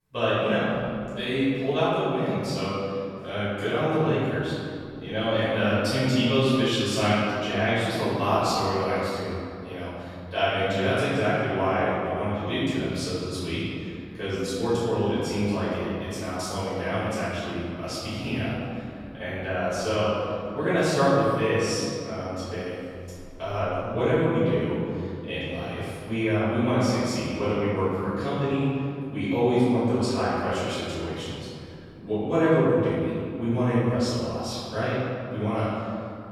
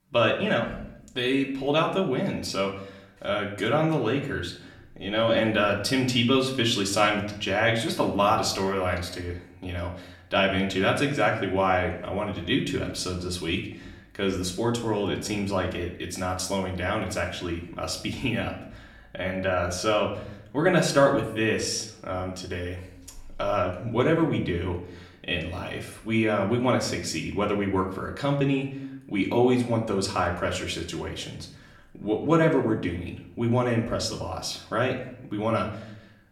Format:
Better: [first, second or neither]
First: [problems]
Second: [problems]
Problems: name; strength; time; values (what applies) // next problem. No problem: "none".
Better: second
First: room echo; strong; dies away in 2.4 s // off-mic speech; far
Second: room echo; slight; dies away in 0.6 s // off-mic speech; far